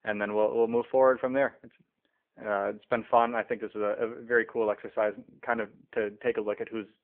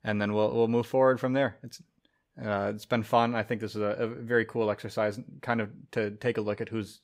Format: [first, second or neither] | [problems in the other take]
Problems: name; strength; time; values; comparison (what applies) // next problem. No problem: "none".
second | phone-call audio; poor line; nothing above 3.5 kHz